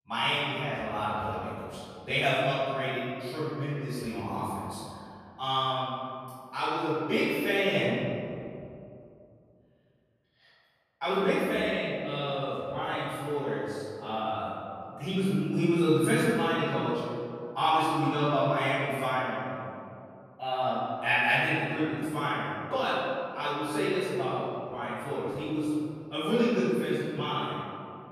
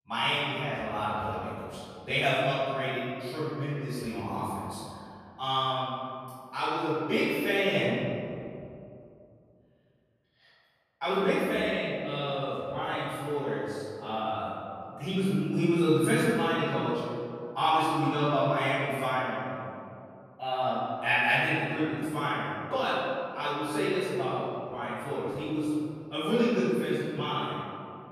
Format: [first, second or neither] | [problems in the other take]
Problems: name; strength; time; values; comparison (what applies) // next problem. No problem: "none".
neither | off-mic speech; far; the same in both // room echo; strong; dies away in 2.4 s; the same in both